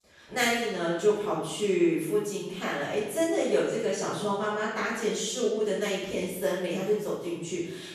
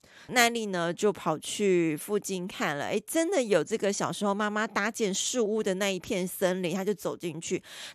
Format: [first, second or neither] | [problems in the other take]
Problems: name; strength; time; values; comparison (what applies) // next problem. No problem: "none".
second | off-mic speech; far // room echo; noticeable; dies away in 0.9 s